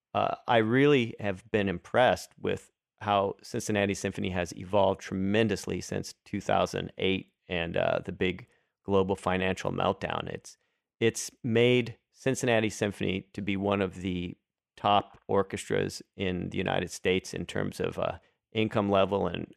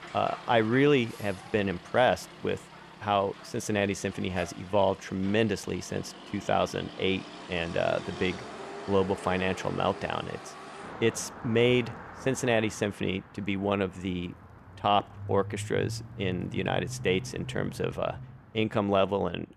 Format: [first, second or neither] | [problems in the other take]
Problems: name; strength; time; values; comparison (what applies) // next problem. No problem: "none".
first | traffic noise; noticeable; throughout; 15 dB below the speech